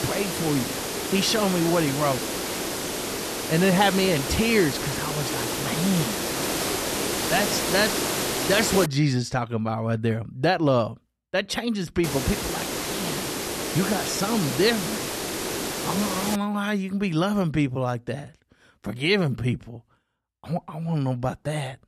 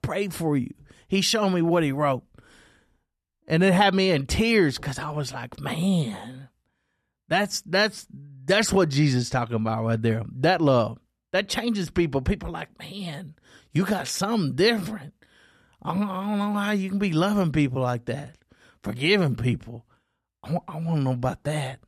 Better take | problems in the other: second | hiss; loud; until 9 s and from 12 to 16 s; 2 dB below the speech

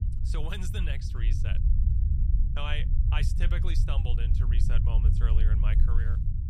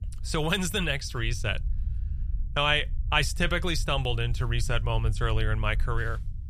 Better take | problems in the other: second | low rumble; loud; throughout; 5 dB below the speech; faint in the second

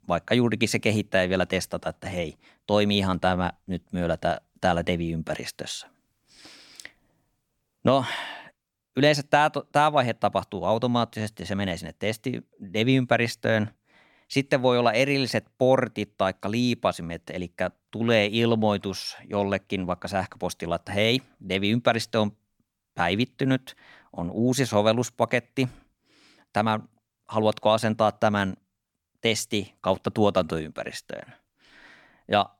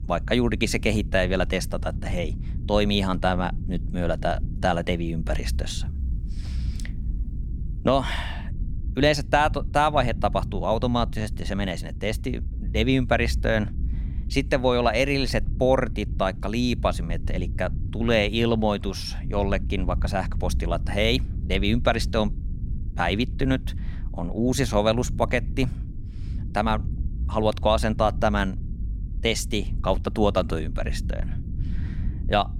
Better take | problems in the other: first | low rumble; faint; throughout; 20 dB below the speech

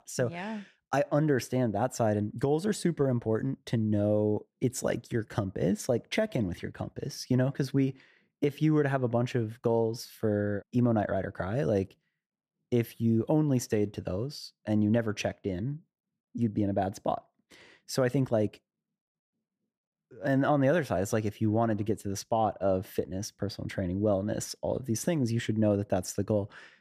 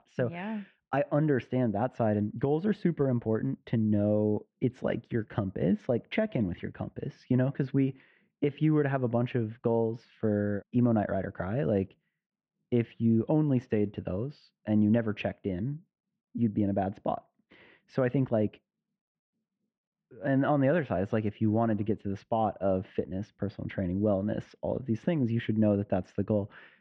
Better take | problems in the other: first | muffled; very; fading above 3 kHz

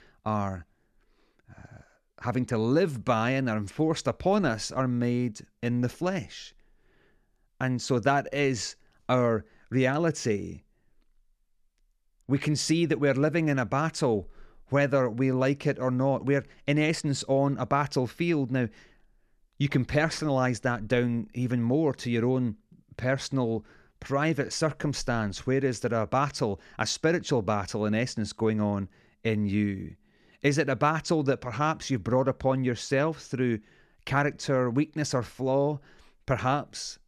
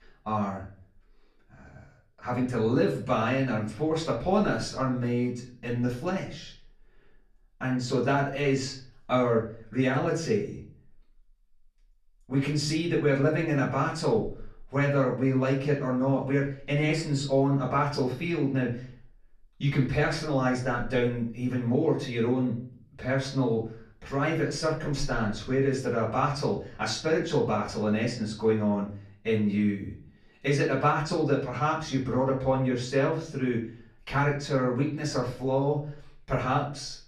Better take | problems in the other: first | off-mic speech; far // room echo; slight; dies away in 0.4 s

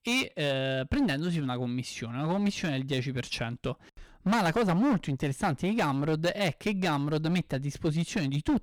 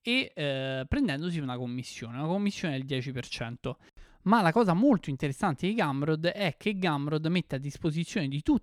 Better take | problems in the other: second | distortion; heavy; 12% of the sound clipped

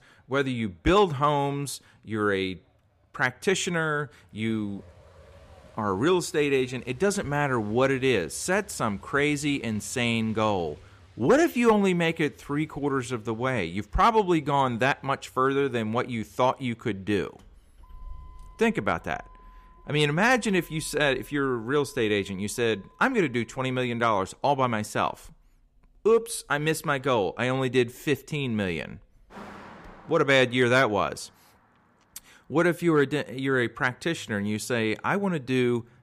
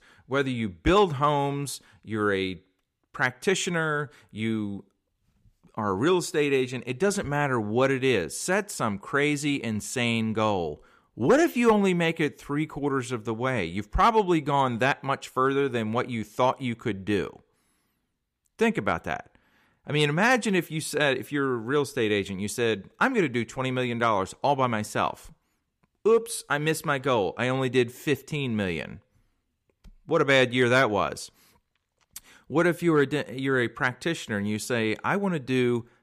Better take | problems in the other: second | traffic noise; faint; throughout; 30 dB below the speech

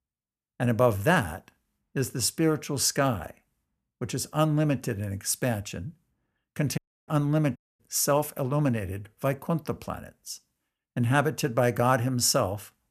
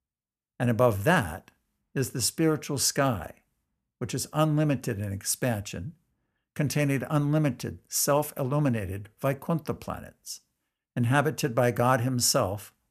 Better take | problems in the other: second | audio cutting out; at 7 s and at 7.5 s

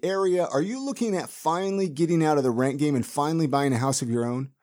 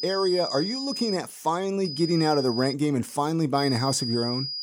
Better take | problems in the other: first | high-pitched whine; loud; until 1 s, at 2 s and from 3.5 s on; 5 kHz, 6 dB below the speech

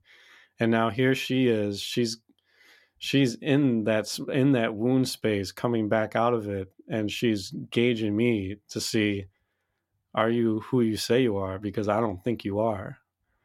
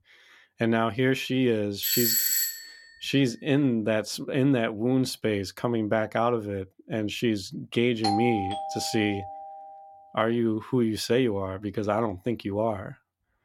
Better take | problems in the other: first | doorbell; loud; at 2 s; peak 5 dB above the speech // doorbell; noticeable; from 8 to 9.5 s; peak 1 dB below the speech

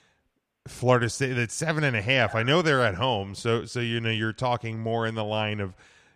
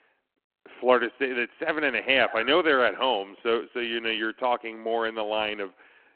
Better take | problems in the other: first | phone-call audio

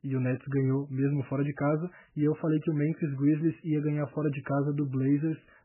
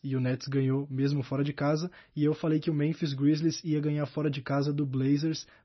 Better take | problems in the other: second | garbled, watery; badly; nothing above 3 kHz; slightly in the second

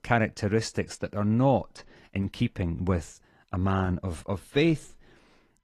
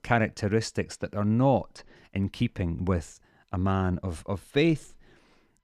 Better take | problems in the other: second | garbled, watery; slightly

